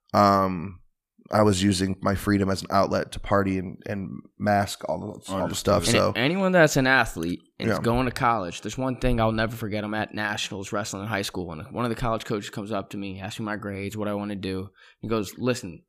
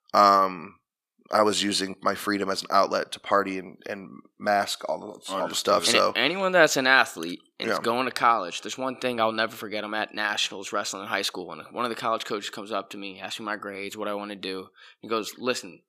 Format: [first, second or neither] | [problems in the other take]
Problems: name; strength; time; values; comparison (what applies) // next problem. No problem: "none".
first | thin; somewhat; fading below 300 Hz